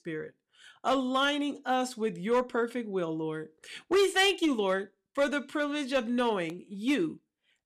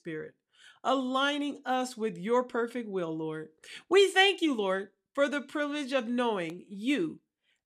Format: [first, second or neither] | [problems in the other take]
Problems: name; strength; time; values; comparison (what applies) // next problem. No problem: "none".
second | distortion; slight; 3% of the sound clipped